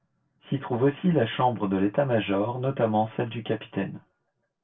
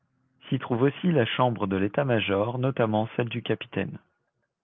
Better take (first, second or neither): second